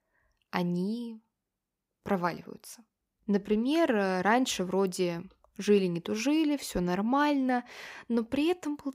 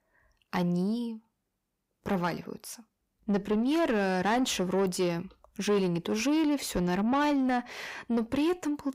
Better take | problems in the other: first | distortion; slight; 10 dB below the speech

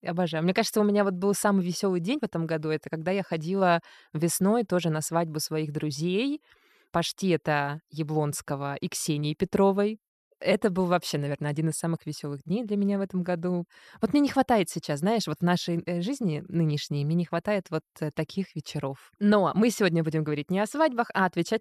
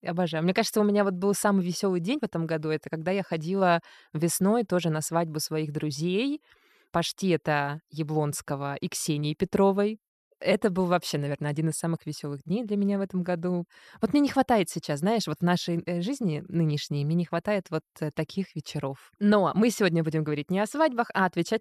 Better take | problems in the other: neither | none

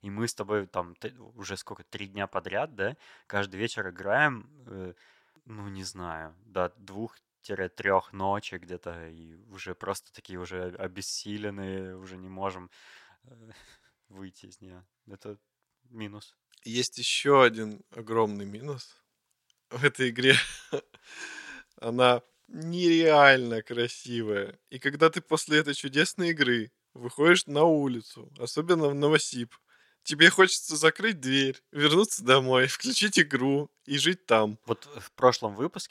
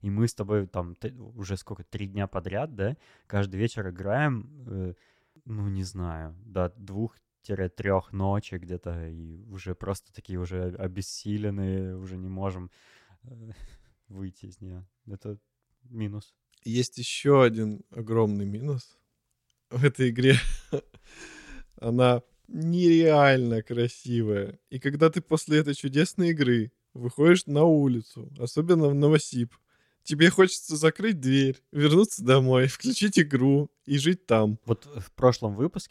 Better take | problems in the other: second | thin; somewhat; fading below 550 Hz

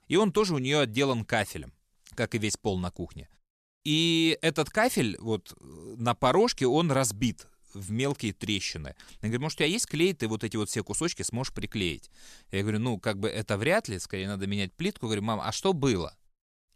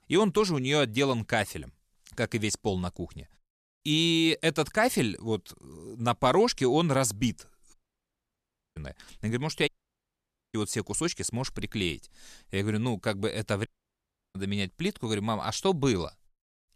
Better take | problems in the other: first | audio cutting out; at 7.5 s for 1 s, at 9.5 s for 1 s and at 14 s for 0.5 s

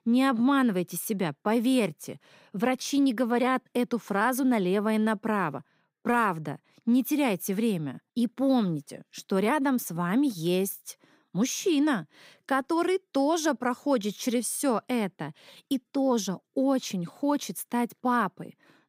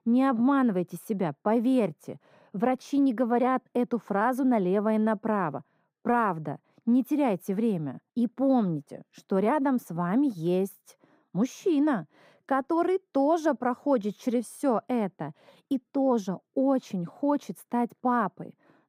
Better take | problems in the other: first | muffled; slightly; fading above 2 kHz

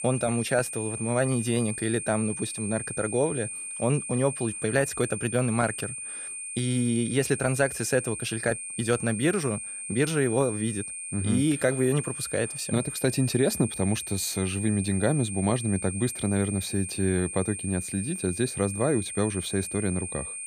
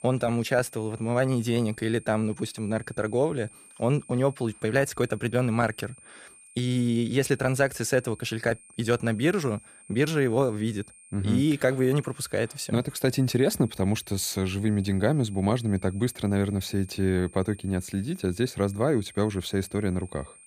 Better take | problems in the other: second | high-pitched whine; loud; throughout; 9 kHz, 6 dB below the speech; faint in the second

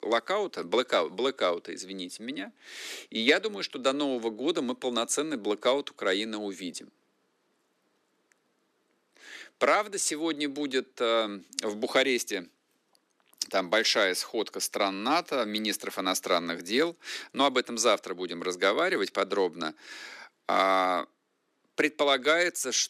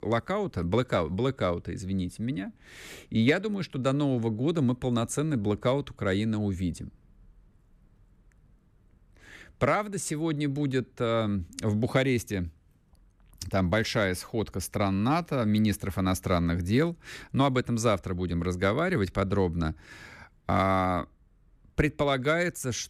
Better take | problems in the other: second | thin; somewhat; fading below 300 Hz

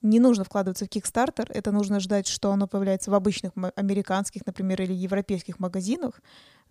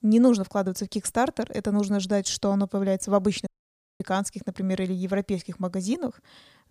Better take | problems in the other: first | audio cutting out; at 3.5 s for 0.5 s

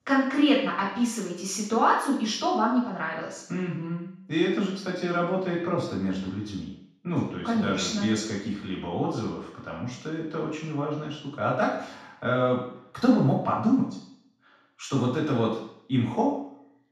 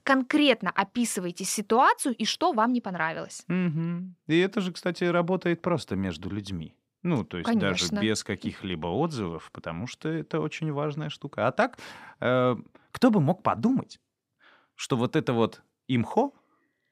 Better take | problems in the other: second | room echo; noticeable; dies away in 0.7 s // off-mic speech; far

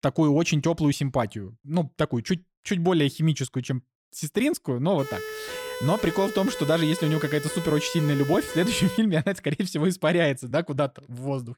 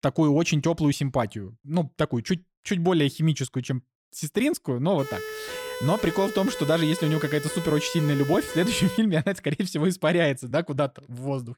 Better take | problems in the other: neither | siren; noticeable; from 5 to 9 s; peak 8 dB below the speech; the same in both

